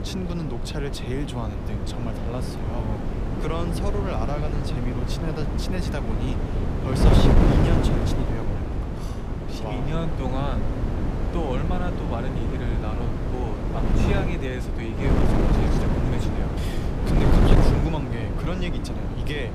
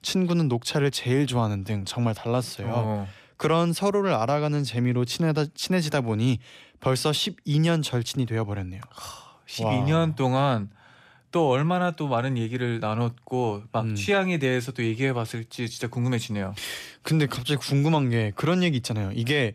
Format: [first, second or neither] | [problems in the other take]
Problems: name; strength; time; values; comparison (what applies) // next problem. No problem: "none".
second | wind noise on the microphone; heavy; 3 dB above the speech